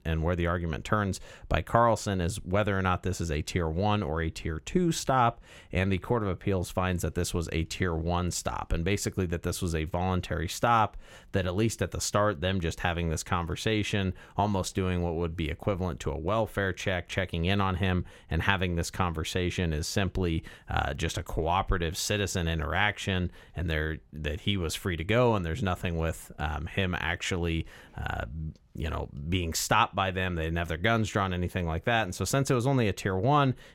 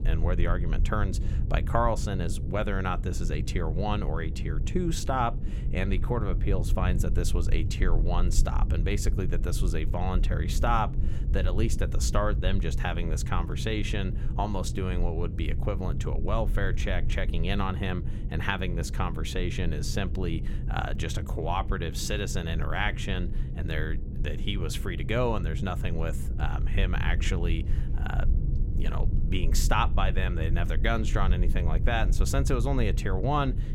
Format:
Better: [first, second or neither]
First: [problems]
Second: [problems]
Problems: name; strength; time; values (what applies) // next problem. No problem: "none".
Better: first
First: none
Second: low rumble; noticeable; throughout; 15 dB below the speech